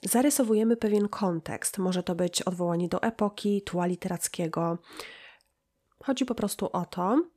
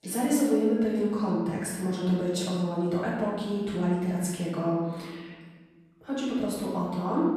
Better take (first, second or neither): first